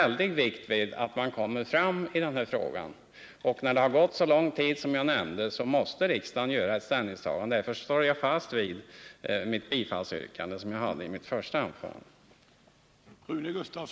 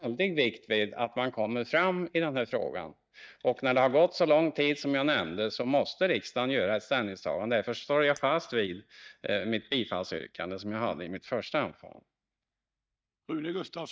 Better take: first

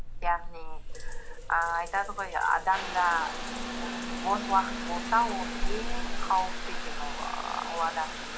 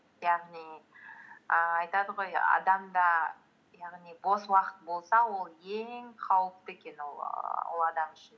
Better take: second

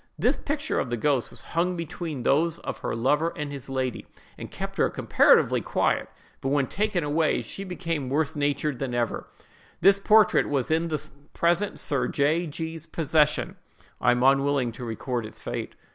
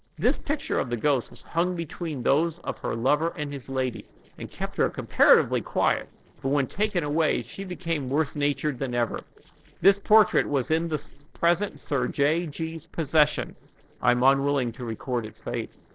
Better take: first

